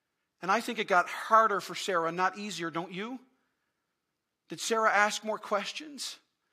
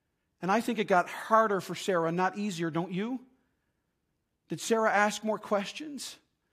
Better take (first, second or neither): second